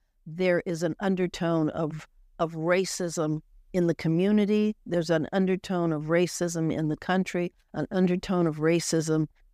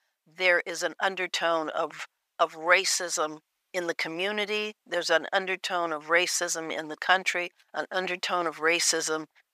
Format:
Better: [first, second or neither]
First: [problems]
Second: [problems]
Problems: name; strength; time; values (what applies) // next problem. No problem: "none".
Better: first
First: none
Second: thin; very; fading below 850 Hz